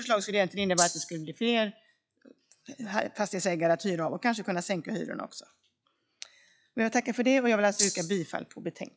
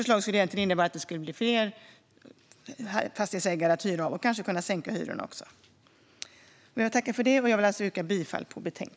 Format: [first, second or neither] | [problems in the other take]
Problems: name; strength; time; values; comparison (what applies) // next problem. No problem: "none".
second | noise reduction (classical method log-MMSE)